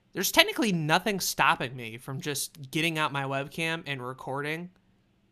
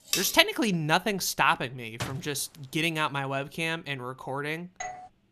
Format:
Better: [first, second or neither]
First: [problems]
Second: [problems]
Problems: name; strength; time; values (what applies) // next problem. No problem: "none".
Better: first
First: none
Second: clattering dishes; noticeable; at the start; peak 1 dB below the speech // door banging; noticeable; at 2 s; peak 10 dB below the speech // doorbell; faint; at 5 s; peak 10 dB below the speech